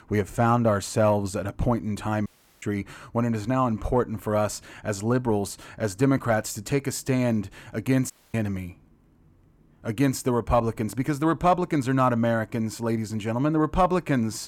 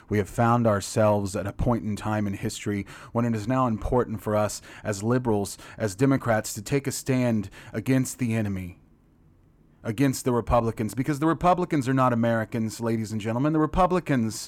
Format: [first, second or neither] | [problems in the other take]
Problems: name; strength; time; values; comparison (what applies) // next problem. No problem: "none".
second | audio cutting out; at 2.5 s and at 8 s